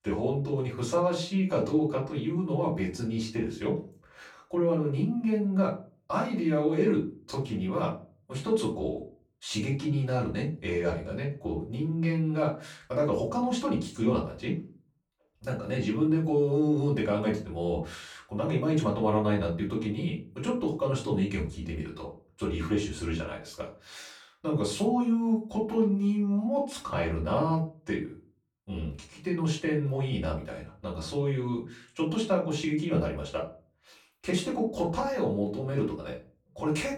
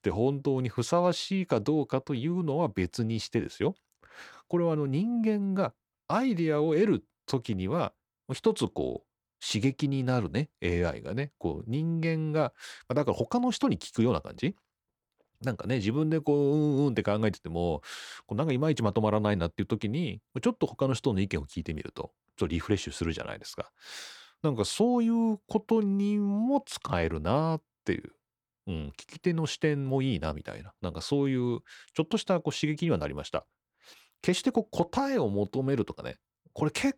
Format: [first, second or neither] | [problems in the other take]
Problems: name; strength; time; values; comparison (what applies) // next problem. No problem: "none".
second | room echo; slight; dies away in 0.3 s // off-mic speech; far